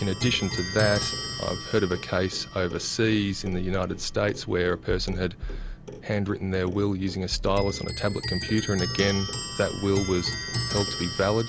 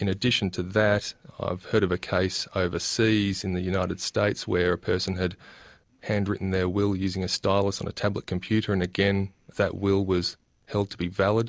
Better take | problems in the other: second | background sound (Bass drum + Clock); 7 dB below the speech

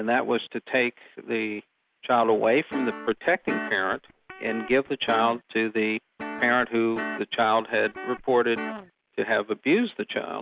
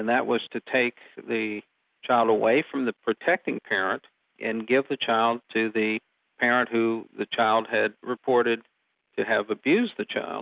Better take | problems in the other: second | background sound (Guitar); 11 dB below the speech

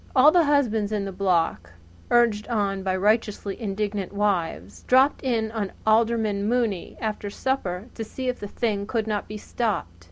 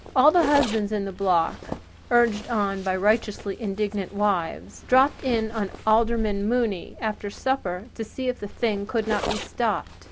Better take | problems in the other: first | background sound (Zipper (clothing)); 12 dB below the speech

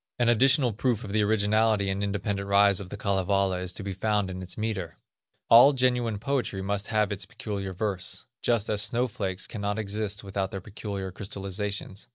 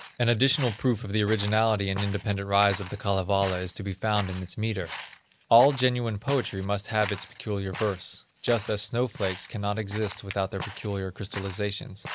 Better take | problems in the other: first | background sound (Walk, footsteps + Chink, clink); 15 dB below the speech

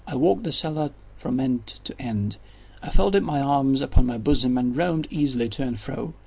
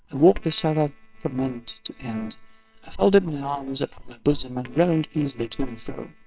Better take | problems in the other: first | noise reduction (neural separator model SepFormer WHAMR!)

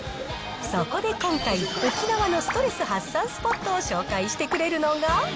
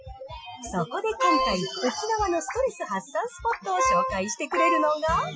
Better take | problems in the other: first | noise reduction (classical method Wiener filter)

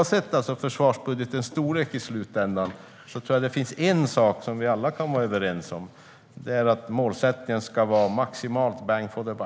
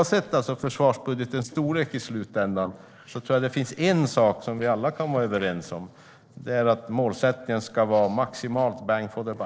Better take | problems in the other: first | noise reduction (neural separator model SepFormer DNS4)

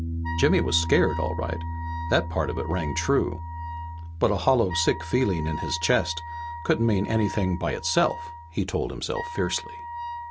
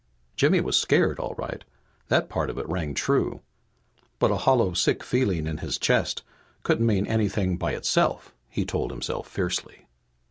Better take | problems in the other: second | background sound (Piano + Wind instrument, woodwind instrument); 7 dB below the speech

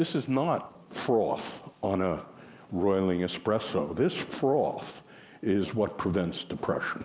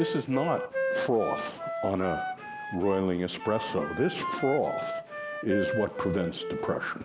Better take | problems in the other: first | background sound (Wind instrument, woodwind instrument); 4 dB below the speech

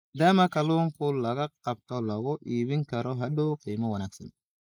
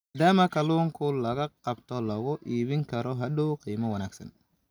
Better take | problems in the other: second | noise reduction (neural mask model Resemble Enhance denoiser)

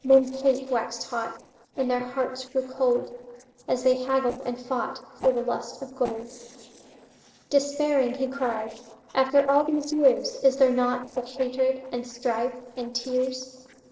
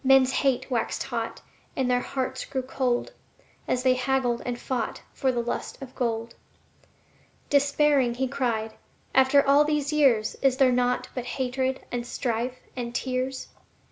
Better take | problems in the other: second | noise reduction (neural separator model SepFormer DNS4)

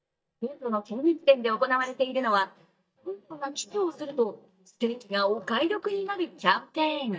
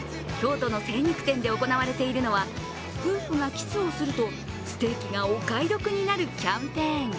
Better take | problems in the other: second | noise reduction (neural mask model DeepFilterNet 3)

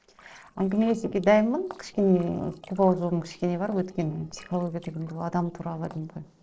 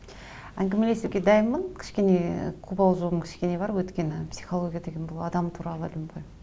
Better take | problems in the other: second | noise reduction (neural separator model SepFormer DNS4)

